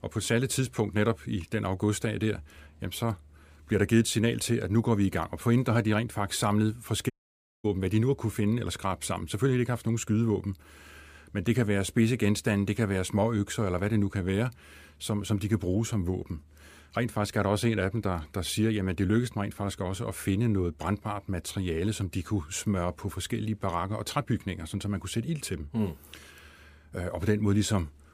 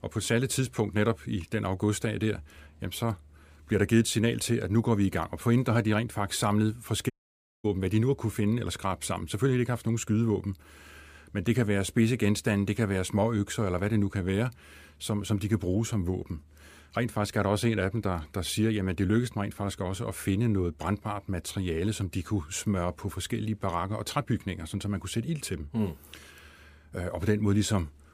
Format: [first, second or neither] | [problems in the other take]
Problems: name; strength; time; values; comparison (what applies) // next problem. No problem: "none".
neither | audio cutting out; at 7 s for 0.5 s; the same in both